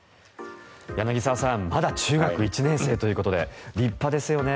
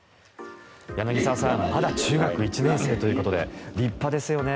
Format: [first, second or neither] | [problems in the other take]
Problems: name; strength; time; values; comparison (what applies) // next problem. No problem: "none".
first | background sound (Train); 4 dB below the speech